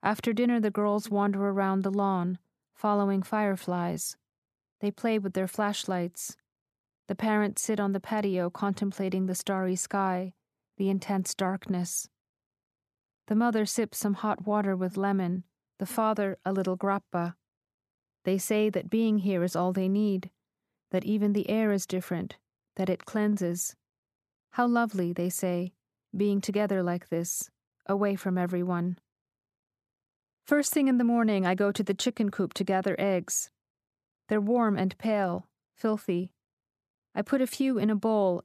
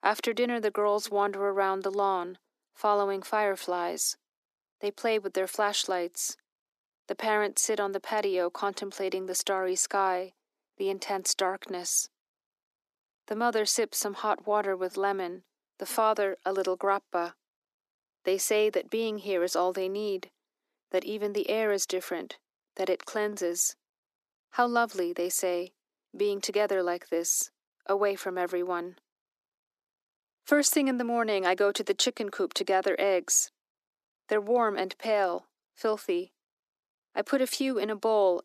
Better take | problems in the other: first | thin; somewhat; fading below 300 Hz

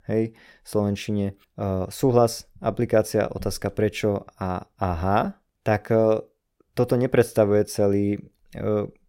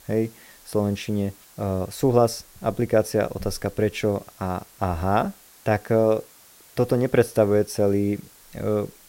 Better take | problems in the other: first | hiss; faint; throughout; 25 dB below the speech

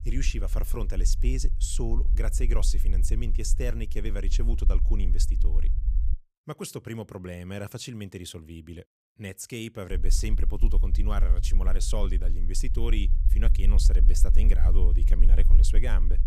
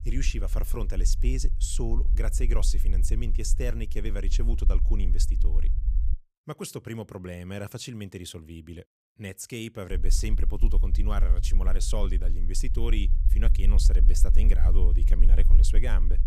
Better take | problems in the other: neither | low rumble; noticeable; until 6 s and from 10 s on; 10 dB below the speech; the same in both

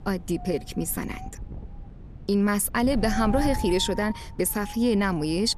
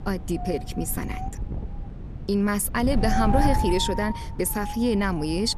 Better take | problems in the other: first | wind noise on the microphone; heavy; 3 dB below the speech; occasional gusts in the first

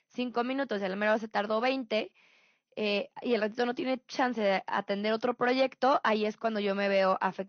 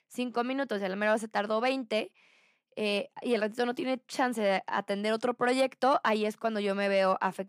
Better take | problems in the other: second | garbled, watery; slightly; nothing above 5.5 kHz

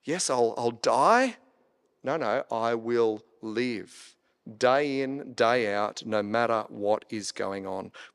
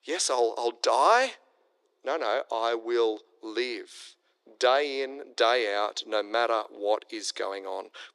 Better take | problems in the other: first | thin; somewhat; fading below 350 Hz

